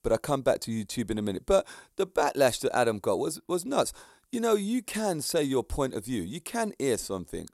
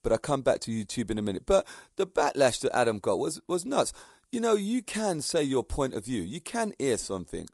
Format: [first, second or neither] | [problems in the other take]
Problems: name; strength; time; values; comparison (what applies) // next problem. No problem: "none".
first | garbled, watery; slightly; nothing above 10.5 kHz